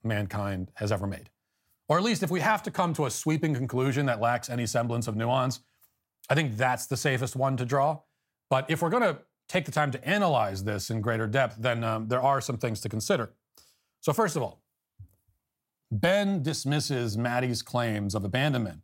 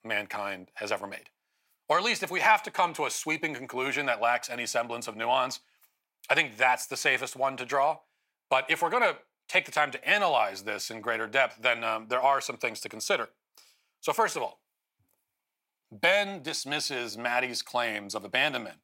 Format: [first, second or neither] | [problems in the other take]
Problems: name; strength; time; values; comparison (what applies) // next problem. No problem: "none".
first | thin; very; fading below 400 Hz